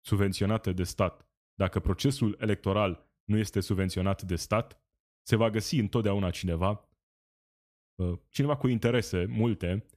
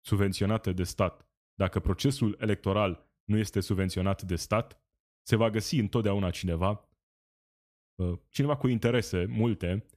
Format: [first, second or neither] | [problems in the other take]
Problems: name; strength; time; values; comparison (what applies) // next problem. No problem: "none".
neither | none